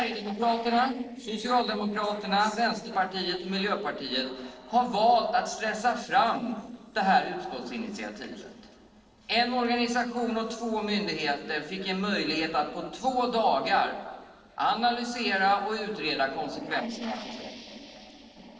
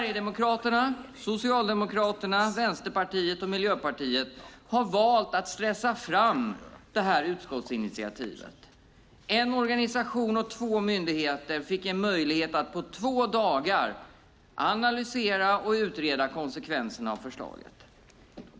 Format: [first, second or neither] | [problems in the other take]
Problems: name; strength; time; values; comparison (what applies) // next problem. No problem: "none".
second | noise reduction (neural separator model SepFormer DNS4)